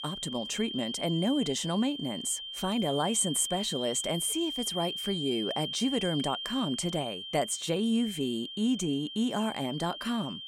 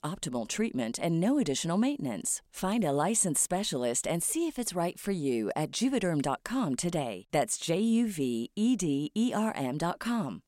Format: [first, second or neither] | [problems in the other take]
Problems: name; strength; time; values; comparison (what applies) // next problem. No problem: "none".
second | high-pitched whine; loud; throughout; 3 kHz, 5 dB below the speech